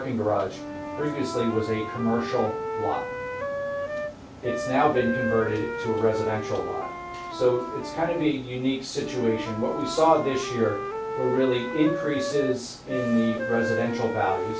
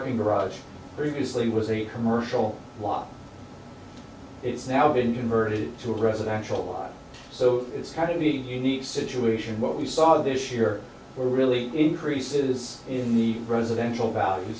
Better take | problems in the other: second | background sound (Wind instrument, woodwind instrument); 6 dB below the speech

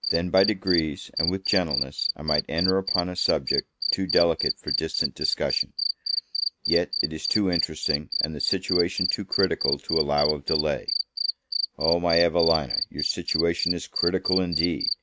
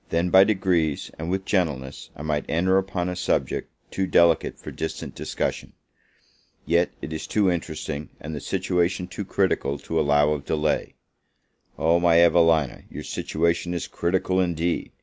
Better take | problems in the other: second | noise reduction (neural mask model RNNoise)

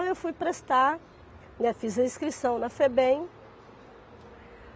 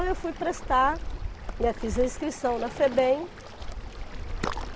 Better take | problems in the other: first | background sound (Waves, surf); 6 dB below the speech

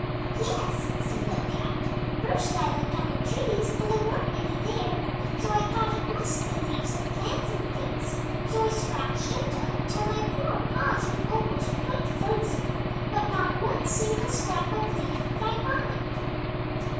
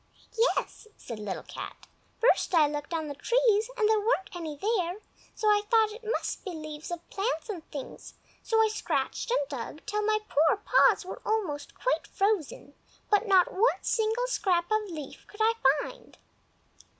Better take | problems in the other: second | background sound (Engine / Aircraft); 4 dB above the speech // room echo; dies away in 0.6 s

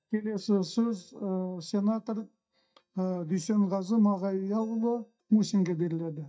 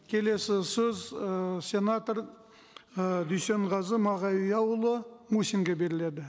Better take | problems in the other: second | noise reduction (neural mask model DeepFilterNet 3)

